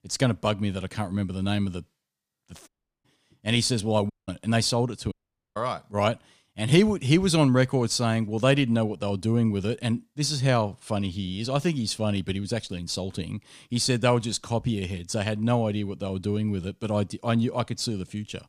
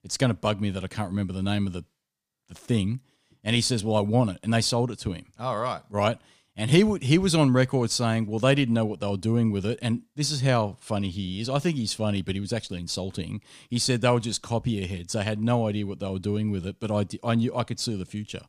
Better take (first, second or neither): second